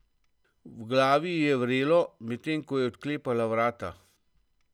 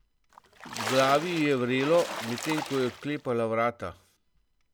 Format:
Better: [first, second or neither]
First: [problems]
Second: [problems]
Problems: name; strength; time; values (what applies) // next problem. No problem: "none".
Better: first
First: none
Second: background sound (Splash, splatter); 9 dB below the speech